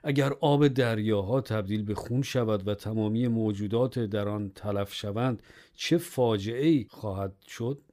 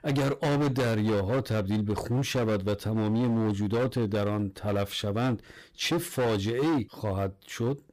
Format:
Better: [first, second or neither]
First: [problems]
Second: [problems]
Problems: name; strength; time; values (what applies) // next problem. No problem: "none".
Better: first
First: none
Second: distortion; heavy; 22% of the sound clipped